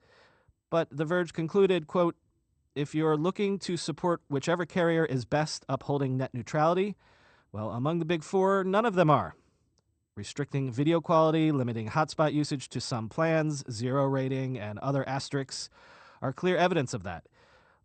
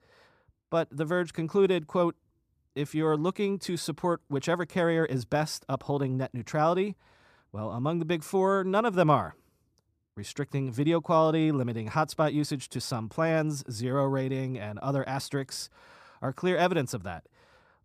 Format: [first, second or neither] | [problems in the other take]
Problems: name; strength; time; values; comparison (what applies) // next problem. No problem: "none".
second | garbled, watery; slightly; nothing above 8.5 kHz